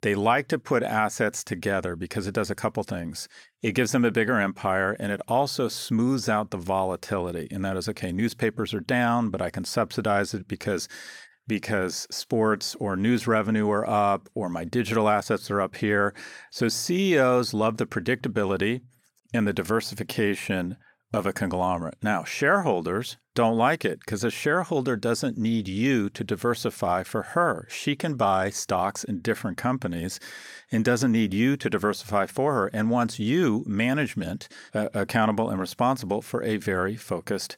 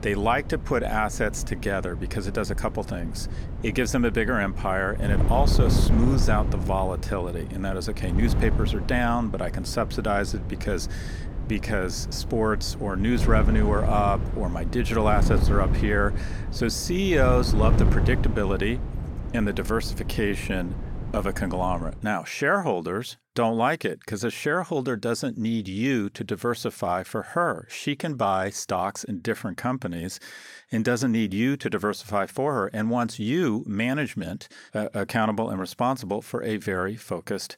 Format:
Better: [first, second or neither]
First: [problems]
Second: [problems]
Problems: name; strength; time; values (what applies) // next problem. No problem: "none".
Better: first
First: none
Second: wind noise on the microphone; occasional gusts; until 22 s; 10 dB below the speech